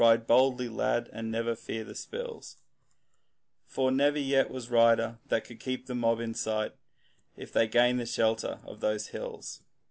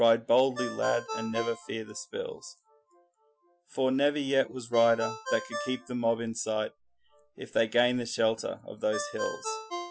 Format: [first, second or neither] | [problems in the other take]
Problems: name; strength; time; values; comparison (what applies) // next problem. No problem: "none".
first | noise reduction (classical method Wiener filter)